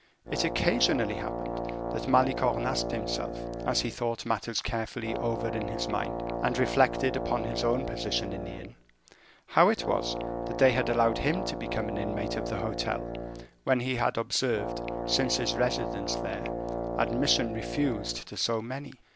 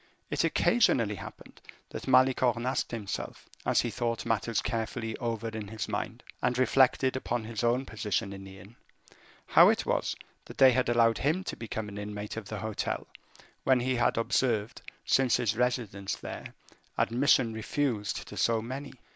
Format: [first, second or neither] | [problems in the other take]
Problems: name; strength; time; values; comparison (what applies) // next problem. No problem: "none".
second | background sound (Brass instrument); 4 dB below the speech